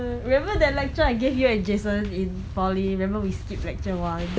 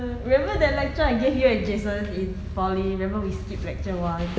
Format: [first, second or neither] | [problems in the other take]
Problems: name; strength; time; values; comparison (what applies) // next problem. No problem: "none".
first | room echo; dies away in 1.7 s